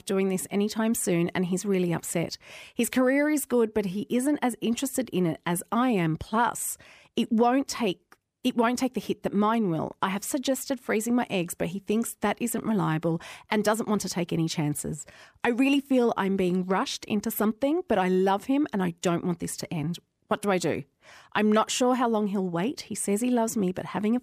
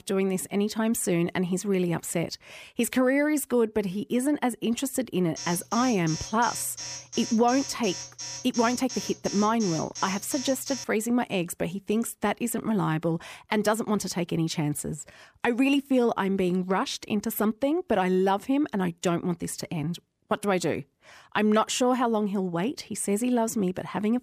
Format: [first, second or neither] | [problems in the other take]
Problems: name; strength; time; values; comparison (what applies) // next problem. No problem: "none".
first | alarm; noticeable; from 5.5 to 11 s; peak 8 dB below the speech